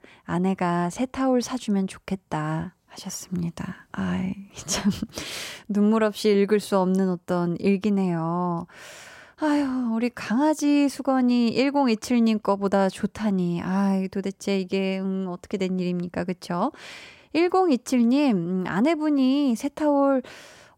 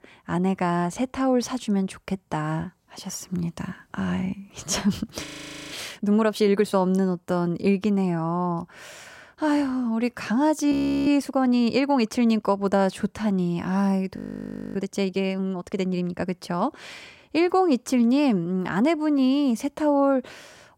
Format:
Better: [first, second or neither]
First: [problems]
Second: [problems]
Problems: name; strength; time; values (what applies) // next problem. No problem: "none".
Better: first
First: none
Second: audio freezing; at 5 s, at 11 s and at 14 s for 0.5 s